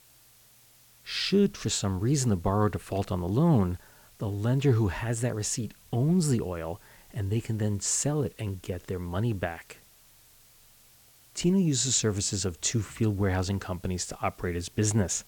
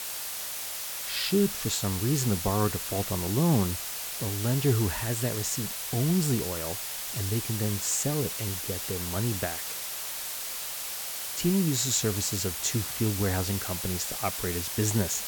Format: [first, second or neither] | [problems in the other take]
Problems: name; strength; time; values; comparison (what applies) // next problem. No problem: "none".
first | hiss; loud; throughout; 3 dB below the speech; faint in the first